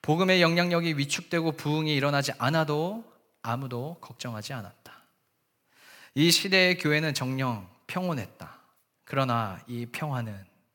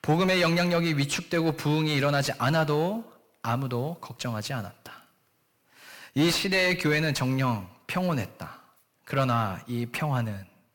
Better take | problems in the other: first | distortion; heavy; 7 dB below the speech

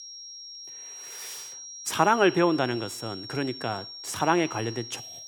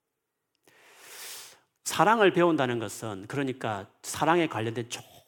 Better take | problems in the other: second | high-pitched whine; noticeable; throughout; 5.5 kHz, 10 dB below the speech

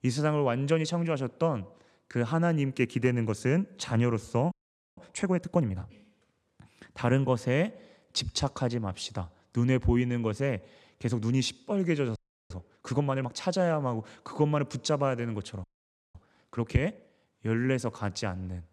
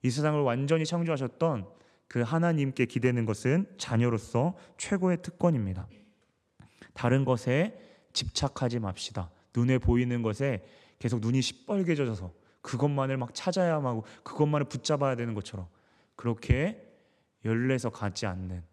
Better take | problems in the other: second | audio freezing; at 4.5 s, at 12 s and at 16 s for 0.5 s

